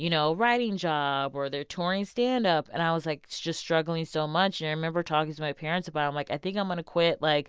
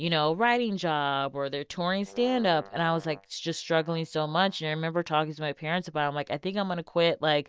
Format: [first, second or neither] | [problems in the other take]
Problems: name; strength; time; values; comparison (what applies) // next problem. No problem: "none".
first | noise reduction (neural mask model DeepFilterNet 3)